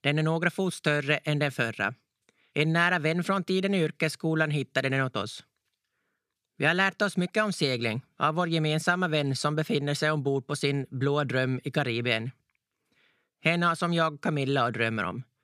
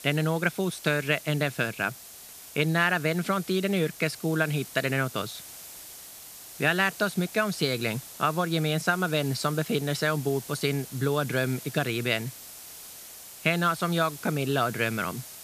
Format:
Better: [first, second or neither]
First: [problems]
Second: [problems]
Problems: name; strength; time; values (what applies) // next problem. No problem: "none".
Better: first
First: none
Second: hiss; noticeable; throughout; 15 dB below the speech